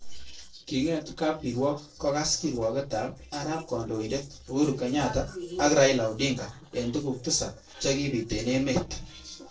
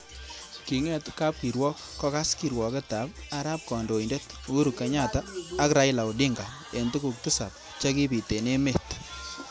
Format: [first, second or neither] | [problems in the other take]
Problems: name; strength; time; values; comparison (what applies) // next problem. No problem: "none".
second | noise reduction (neural separator model SepFormer DNS4)